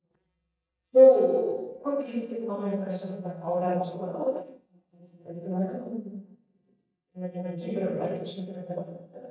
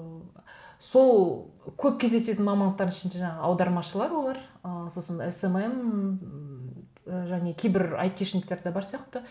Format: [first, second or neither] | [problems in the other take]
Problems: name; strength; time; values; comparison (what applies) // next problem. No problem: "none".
second | noise reduction (neural mask model DeepFilterNet 3)